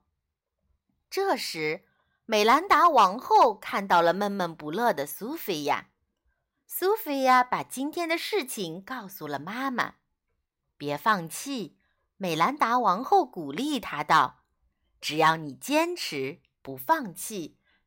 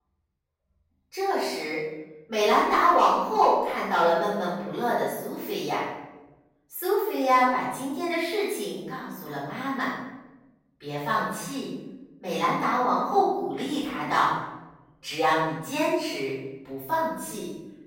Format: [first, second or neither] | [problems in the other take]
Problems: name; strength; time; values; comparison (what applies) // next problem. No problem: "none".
first | room echo; strong; dies away in 0.9 s // off-mic speech; far